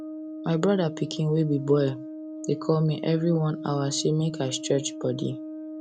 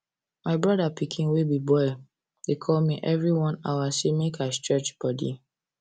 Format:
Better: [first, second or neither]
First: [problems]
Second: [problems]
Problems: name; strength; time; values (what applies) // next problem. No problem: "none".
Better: second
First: background sound (Brass instrument); 10 dB below the speech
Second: none